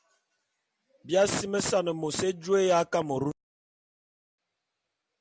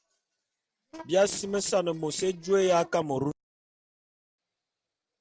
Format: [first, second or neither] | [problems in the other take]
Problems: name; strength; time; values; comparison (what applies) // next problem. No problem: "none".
first | noise reduction (neural separator model SepFormer DNS4)